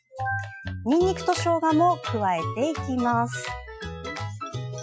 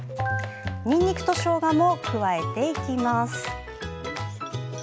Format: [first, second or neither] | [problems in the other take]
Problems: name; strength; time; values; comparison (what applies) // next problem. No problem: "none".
second | noise reduction (classical method Wiener filter)